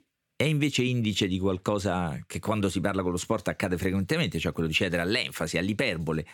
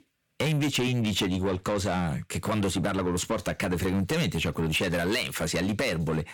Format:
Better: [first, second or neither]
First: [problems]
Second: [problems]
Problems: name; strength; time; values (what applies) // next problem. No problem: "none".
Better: first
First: none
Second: distortion; heavy; 7 dB below the speech